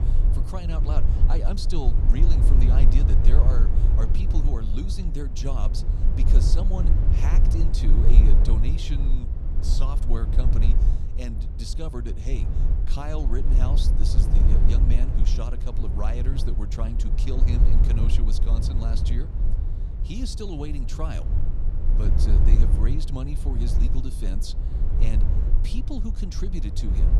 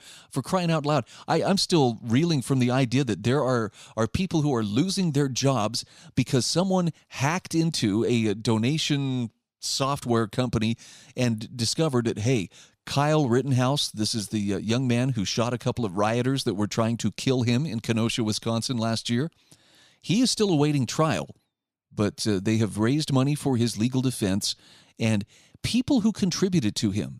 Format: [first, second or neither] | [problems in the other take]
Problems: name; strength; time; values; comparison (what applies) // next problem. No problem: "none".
second | low rumble; loud; throughout; 2 dB below the speech